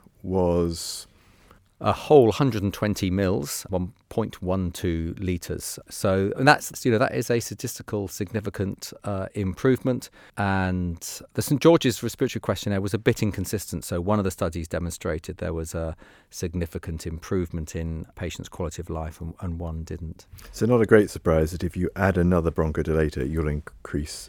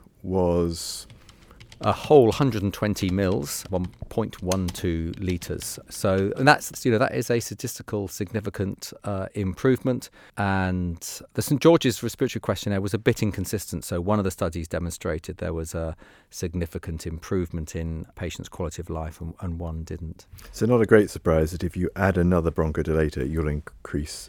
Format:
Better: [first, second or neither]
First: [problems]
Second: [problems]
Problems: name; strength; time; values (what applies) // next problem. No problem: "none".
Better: first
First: none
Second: keyboard typing; noticeable; from 1 to 6 s; peak 10 dB below the speech